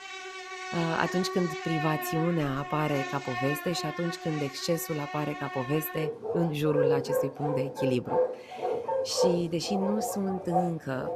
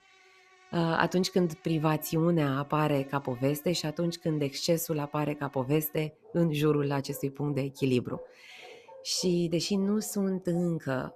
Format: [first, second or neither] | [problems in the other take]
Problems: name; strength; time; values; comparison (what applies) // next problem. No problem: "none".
second | animal sounds; loud; throughout; 2 dB below the speech; faint in the second